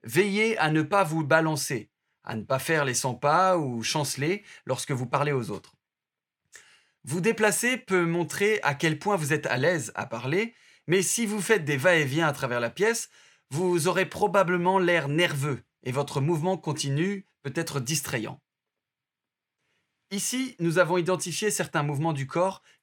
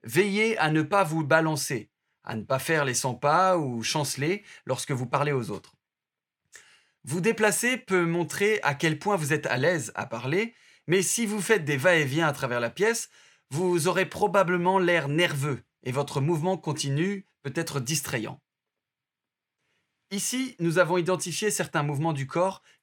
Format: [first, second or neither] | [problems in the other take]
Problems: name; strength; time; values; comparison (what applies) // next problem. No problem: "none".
neither | none